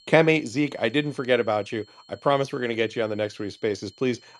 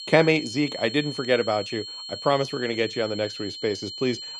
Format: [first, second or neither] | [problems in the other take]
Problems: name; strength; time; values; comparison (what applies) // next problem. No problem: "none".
first | high-pitched whine; loud; throughout; 4.5 kHz, 9 dB below the speech; faint in the first